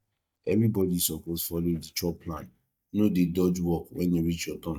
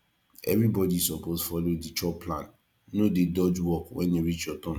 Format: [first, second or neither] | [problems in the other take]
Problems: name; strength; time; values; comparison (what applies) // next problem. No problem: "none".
second | noise reduction (neural mask model DeepFilterNet 3)